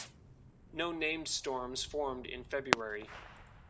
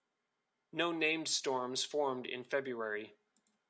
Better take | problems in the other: second | background sound (Fireworks); 3 dB below the speech

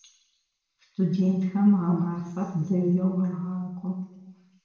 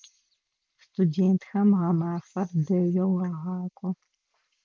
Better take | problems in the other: second | room echo; dies away in 1 s

